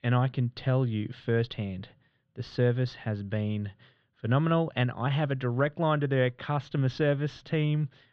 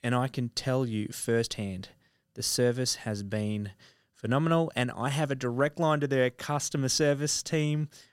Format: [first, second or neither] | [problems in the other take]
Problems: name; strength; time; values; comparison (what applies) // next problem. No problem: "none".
second | muffled; very; fading above 3.5 kHz